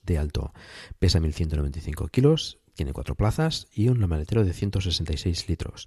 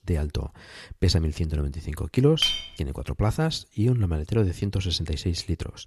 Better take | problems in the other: first | clattering dishes; loud; at 2.5 s; peak 2 dB above the speech

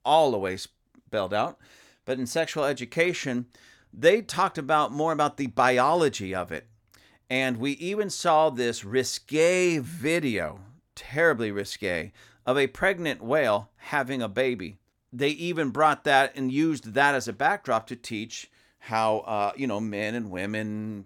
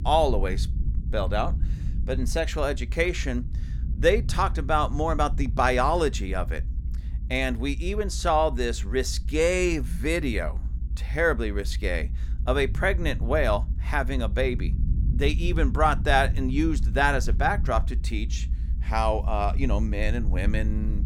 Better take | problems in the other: first | low rumble; faint; throughout; 20 dB below the speech

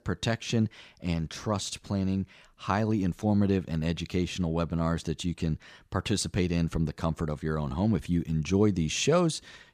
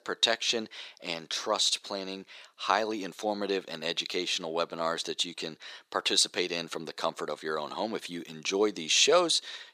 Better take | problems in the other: first | thin; very; fading below 400 Hz

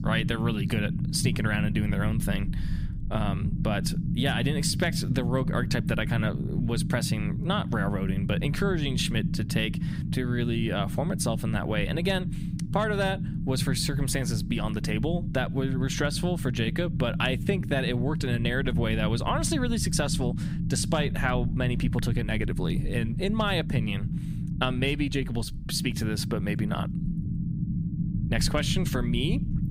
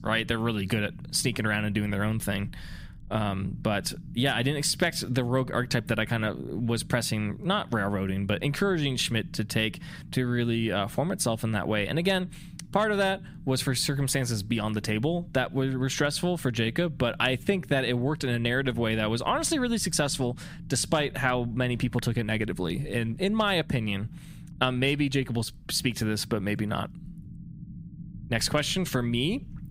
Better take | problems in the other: second | low rumble; loud; throughout; 10 dB below the speech; faint in the second

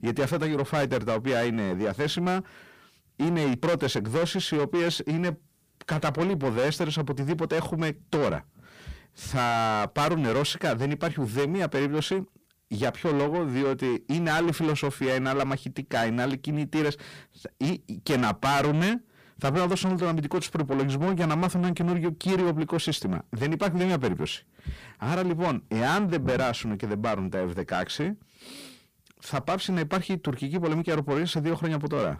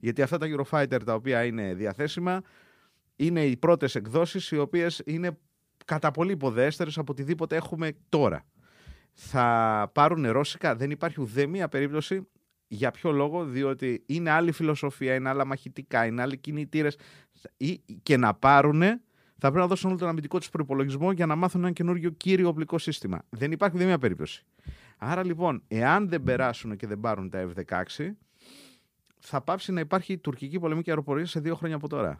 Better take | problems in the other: second | distortion; heavy; 6 dB below the speech

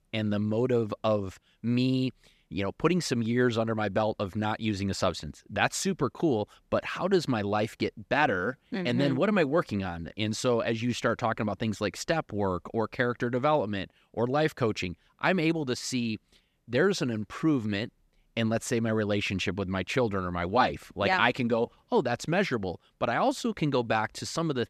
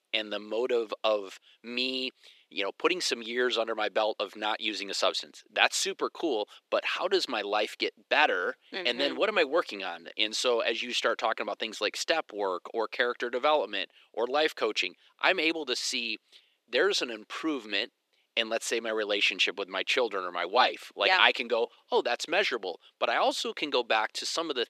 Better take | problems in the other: first | thin; very; fading below 350 Hz

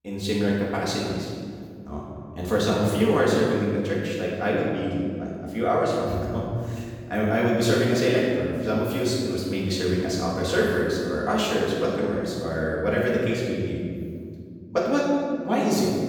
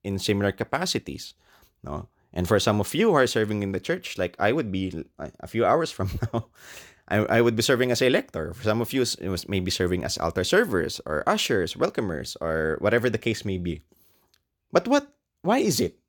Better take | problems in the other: second | off-mic speech; far // room echo; strong; dies away in 2.2 s

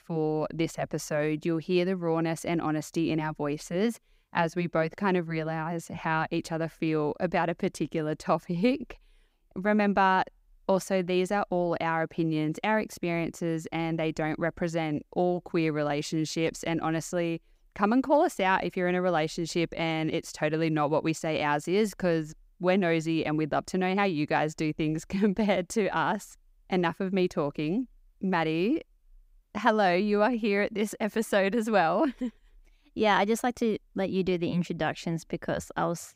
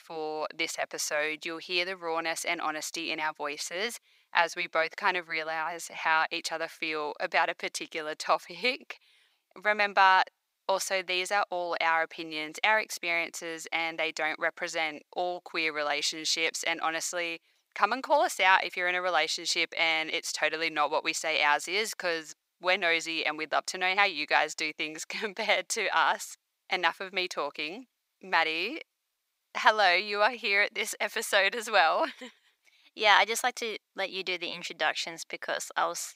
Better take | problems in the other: first | thin; very; fading below 850 Hz

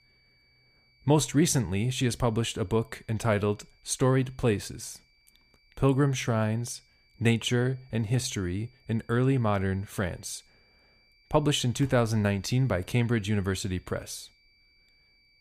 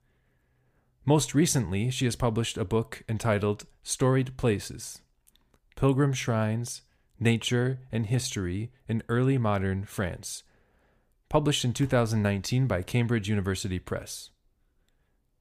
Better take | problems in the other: second | high-pitched whine; faint; throughout; 2.5 kHz, 35 dB below the speech

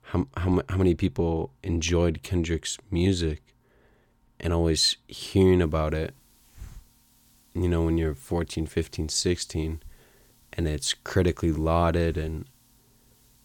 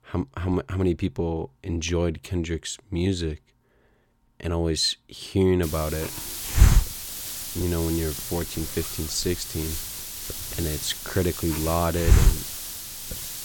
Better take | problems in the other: first | hiss; loud; from 5.5 s on; 1 dB below the speech; faint in the first

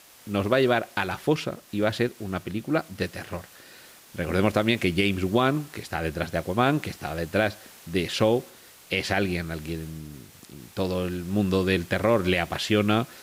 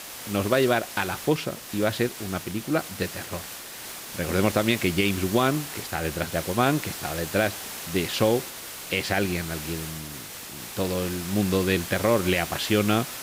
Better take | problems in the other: first | hiss; loud; throughout; 9 dB below the speech; faint in the first

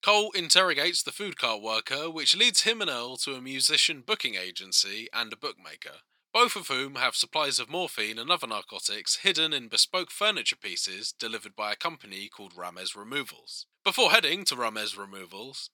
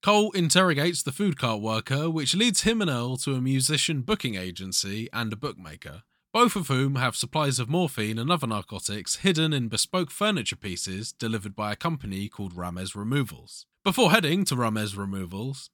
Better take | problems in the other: second | thin; very; fading below 500 Hz

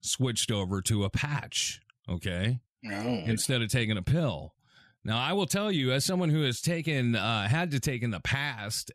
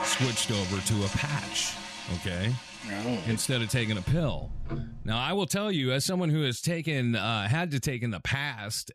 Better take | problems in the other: first | household noises; loud; until 5 s; 8 dB below the speech

